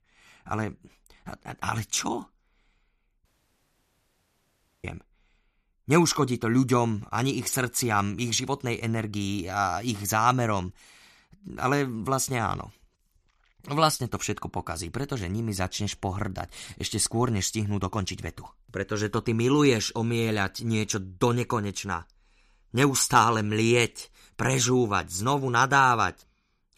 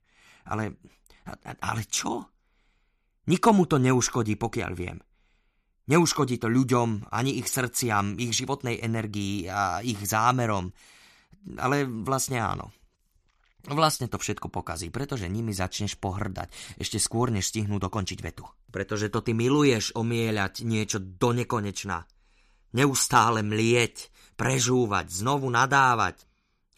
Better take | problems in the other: second | audio cutting out; at 3.5 s for 1.5 s

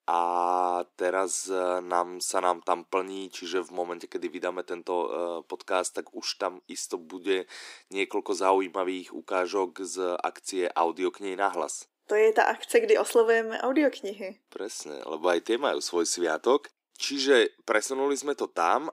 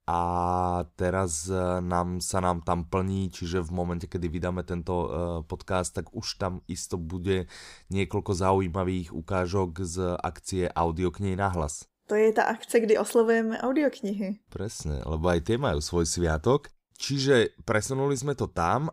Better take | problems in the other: second | thin; somewhat; fading below 300 Hz

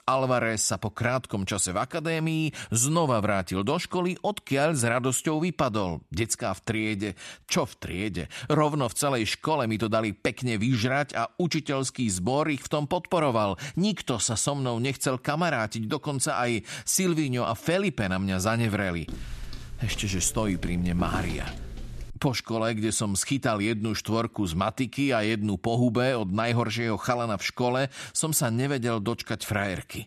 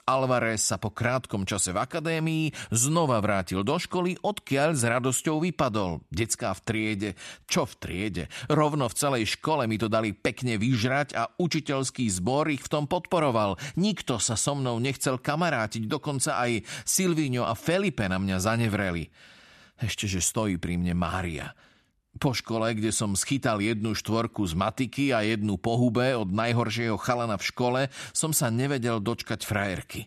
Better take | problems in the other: second | footsteps; noticeable; from 19 to 22 s; peak 7 dB below the speech

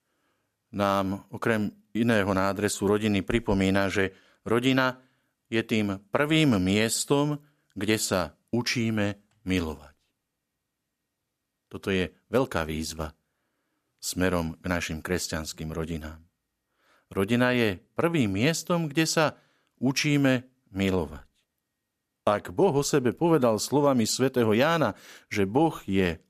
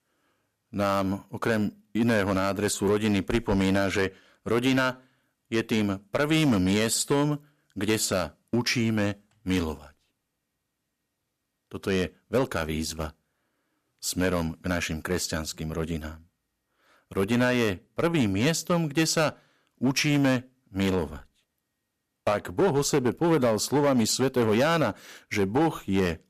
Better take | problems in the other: first | distortion; slight; 4% of the sound clipped

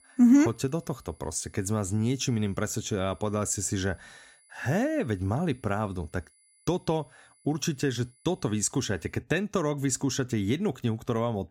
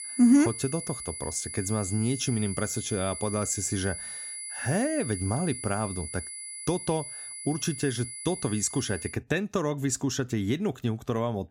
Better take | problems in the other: first | high-pitched whine; loud; until 9 s; 10 kHz, 7 dB below the speech; faint in the first

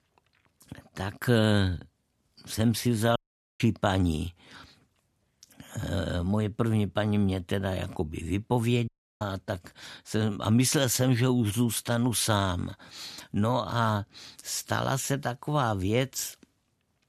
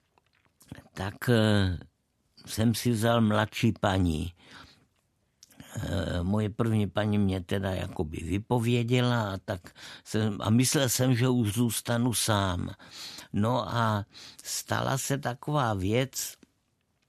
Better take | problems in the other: second | audio cutting out; at 3 s and at 9 s

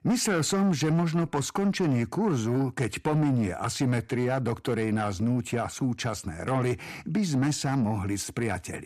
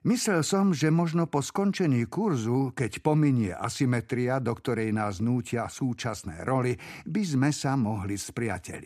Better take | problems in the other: second | distortion; slight; 10 dB below the speech

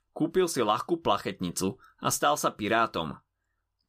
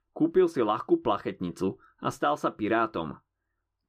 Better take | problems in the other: first | muffled; slightly; fading above 4 kHz

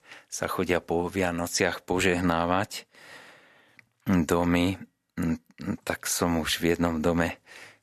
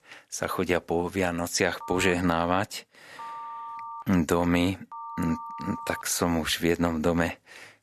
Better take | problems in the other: first | phone ringing; faint; from 2 to 6 s; peak 10 dB below the speech

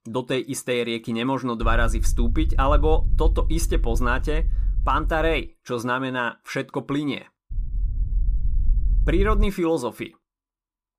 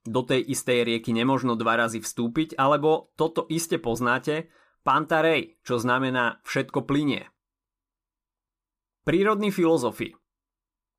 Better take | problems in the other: second | low rumble; faint; from 1.5 to 5.5 s and from 7.5 to 9.5 s; 20 dB below the speech

